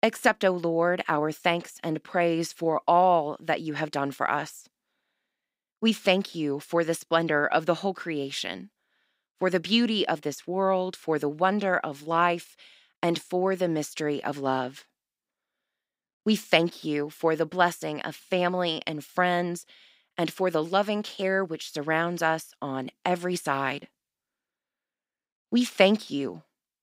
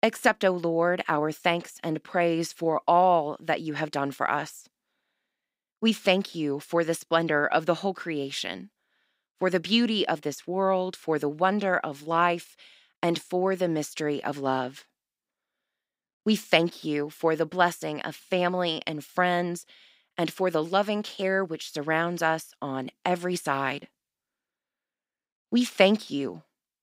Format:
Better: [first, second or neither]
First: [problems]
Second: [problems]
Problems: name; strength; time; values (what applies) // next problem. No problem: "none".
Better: neither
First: none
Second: none